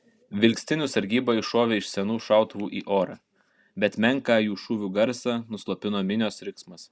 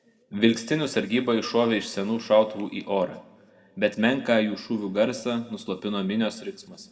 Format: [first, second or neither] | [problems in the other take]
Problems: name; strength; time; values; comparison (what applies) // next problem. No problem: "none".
first | room echo; dies away in 2.3 s